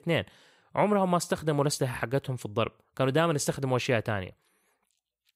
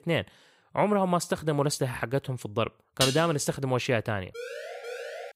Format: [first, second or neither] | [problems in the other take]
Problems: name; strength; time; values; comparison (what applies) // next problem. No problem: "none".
first | clattering dishes; loud; at 3 s; peak level with the speech // siren; noticeable; at 4.5 s; peak 10 dB below the speech